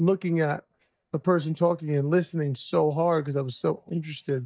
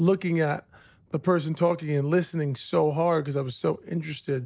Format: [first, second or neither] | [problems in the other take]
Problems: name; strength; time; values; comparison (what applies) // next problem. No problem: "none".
second | noise reduction (neural mask model DeepFilterNet 3)